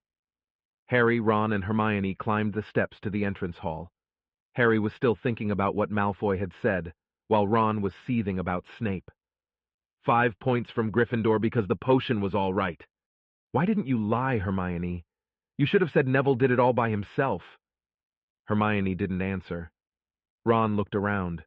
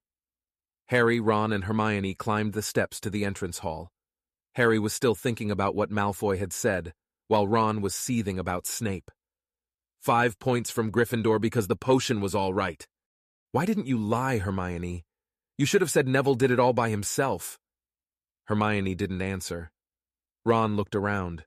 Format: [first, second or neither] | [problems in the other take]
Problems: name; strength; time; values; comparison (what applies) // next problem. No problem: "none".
second | muffled; very; fading above 3 kHz